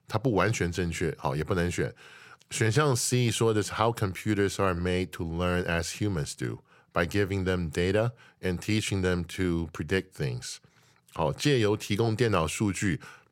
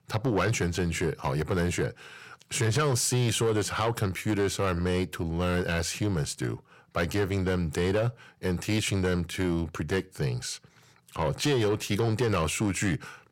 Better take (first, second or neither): first